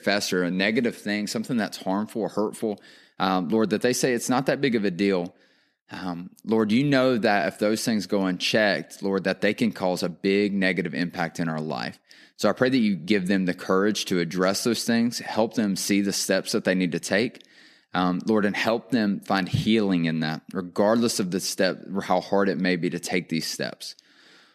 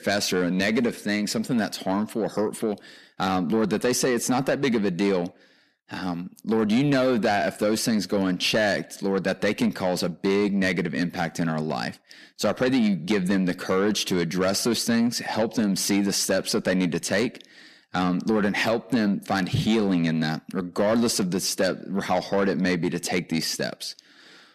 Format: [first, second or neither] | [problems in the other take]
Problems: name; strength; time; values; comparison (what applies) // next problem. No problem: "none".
first | distortion; slight; 10 dB below the speech